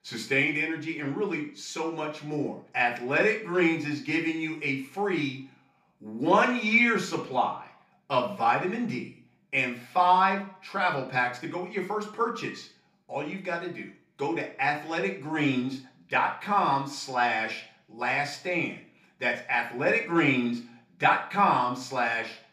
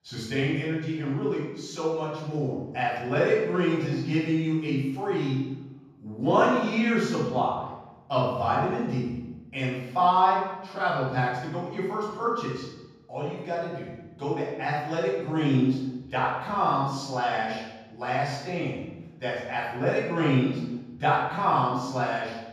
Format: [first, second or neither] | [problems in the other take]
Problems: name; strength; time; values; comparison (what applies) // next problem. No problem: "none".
first | room echo; strong; dies away in 1.3 s; slight in the first // off-mic speech; far; far in the first